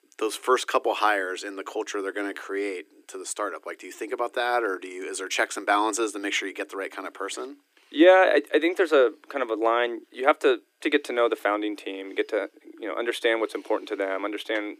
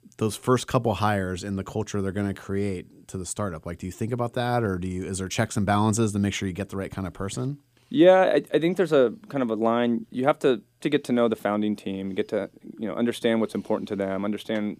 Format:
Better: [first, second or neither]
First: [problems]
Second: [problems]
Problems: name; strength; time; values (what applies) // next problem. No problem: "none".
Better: second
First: thin; very; fading below 300 Hz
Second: none